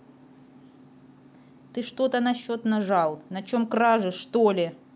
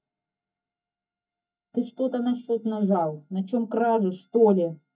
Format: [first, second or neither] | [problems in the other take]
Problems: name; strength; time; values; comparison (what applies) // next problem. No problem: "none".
first | noise reduction (neural mask model DeepFilterNet 3)